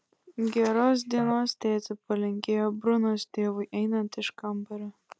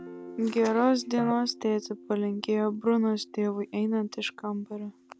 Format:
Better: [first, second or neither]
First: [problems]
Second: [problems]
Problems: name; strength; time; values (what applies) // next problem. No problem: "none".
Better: first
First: none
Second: background sound (Guitar); 20 dB below the speech